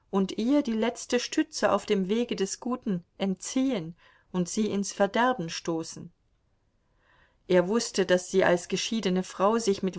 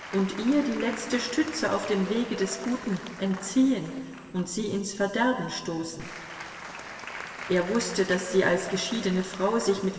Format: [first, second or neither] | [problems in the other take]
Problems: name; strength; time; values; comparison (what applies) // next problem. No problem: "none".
first | background sound (Applause / Crowd); 13 dB below the speech // room echo; dies away in 2.3 s